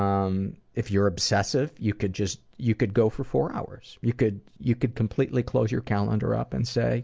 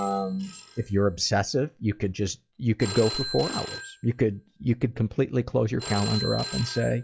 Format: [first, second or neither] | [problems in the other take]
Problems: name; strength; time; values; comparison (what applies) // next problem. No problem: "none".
first | noise reduction (classical method log-MMSE)